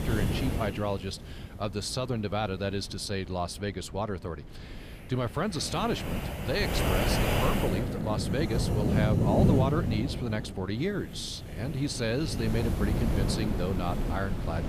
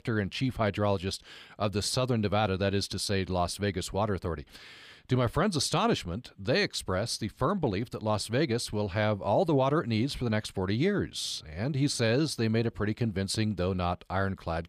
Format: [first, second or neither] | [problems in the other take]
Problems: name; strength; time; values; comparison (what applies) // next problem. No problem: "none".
second | wind noise on the microphone; heavy; 2 dB below the speech